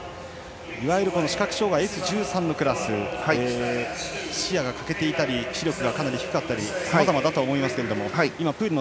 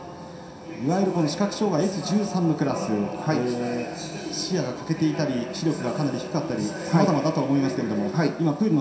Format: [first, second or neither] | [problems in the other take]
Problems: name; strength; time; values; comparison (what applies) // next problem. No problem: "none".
first | room echo; dies away in 0.7 s